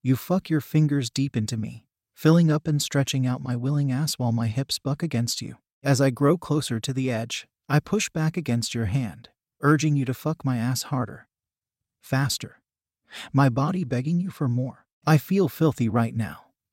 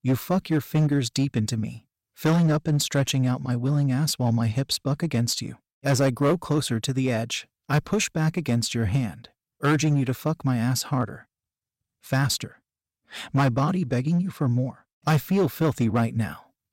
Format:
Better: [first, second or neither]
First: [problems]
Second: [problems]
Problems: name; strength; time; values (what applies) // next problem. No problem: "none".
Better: first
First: none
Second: distortion; slight; 7% of the sound clipped